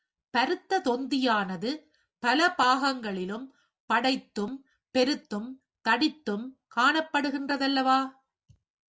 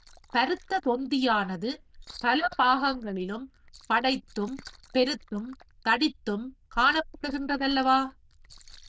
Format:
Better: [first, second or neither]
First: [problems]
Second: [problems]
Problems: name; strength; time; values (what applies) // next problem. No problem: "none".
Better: first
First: none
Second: noise reduction (neural diffusion model UNIVERSE++)